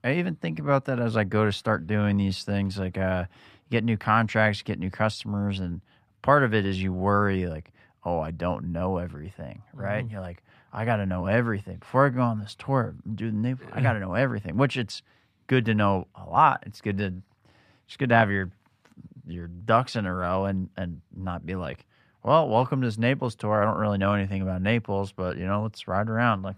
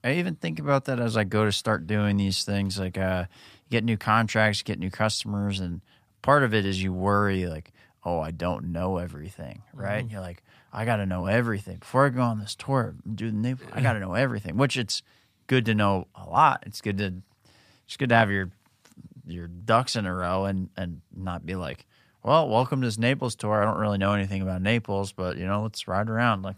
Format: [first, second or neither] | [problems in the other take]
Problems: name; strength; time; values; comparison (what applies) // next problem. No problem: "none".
second | muffled; slightly; fading above 4 kHz